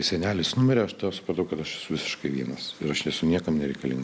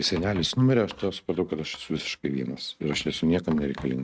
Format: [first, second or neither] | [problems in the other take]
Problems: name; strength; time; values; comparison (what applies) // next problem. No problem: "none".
first | noise reduction (neural mask model RNNoise)